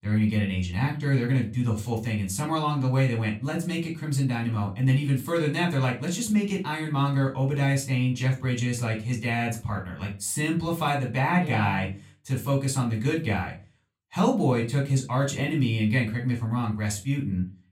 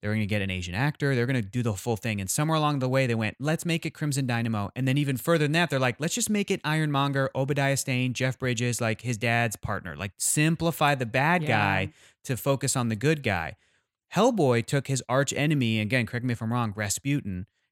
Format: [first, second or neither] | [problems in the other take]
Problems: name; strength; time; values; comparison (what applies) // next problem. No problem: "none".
second | off-mic speech; far // room echo; very slight; dies away in 0.3 s